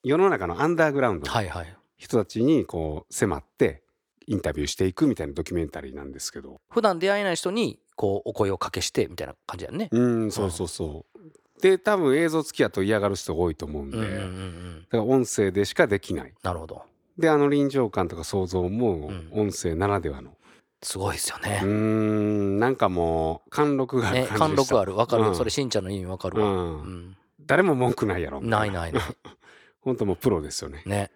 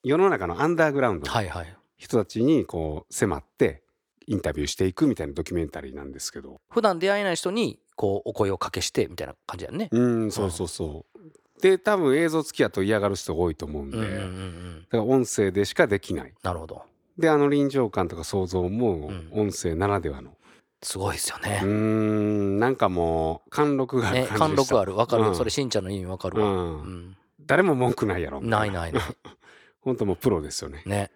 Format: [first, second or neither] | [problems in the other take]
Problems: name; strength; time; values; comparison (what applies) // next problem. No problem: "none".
neither | none